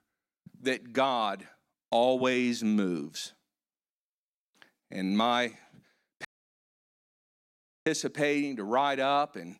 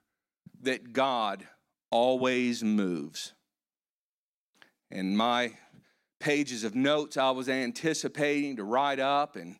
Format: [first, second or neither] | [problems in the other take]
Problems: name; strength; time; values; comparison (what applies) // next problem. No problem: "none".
second | audio cutting out; at 6.5 s for 1.5 s